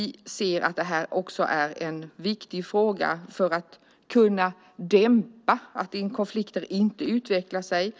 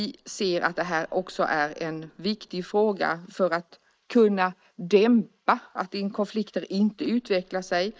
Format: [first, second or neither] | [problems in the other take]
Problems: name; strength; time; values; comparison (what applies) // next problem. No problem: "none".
first | noise reduction (neural mask model Resemble Enhance denoiser)